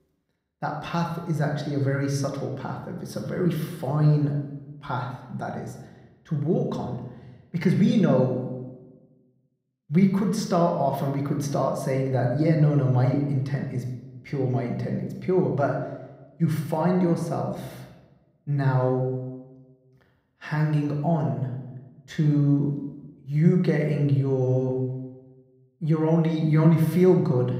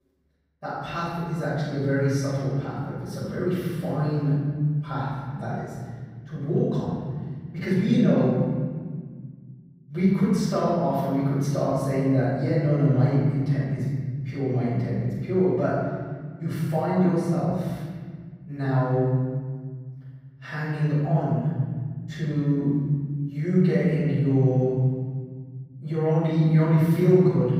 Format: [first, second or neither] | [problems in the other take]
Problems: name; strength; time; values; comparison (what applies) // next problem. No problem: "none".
first | room echo; strong; dies away in 2.2 s; slight in the first // off-mic speech; far; somewhat distant in the first